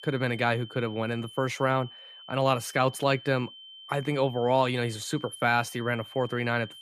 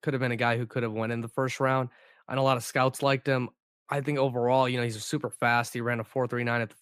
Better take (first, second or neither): second